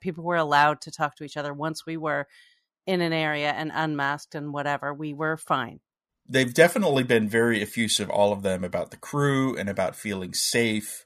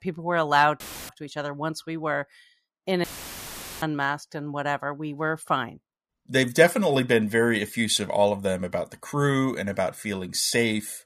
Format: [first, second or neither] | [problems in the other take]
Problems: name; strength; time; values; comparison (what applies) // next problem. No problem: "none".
first | audio cutting out; filled with static; at 1 s and at 3 s for 1 s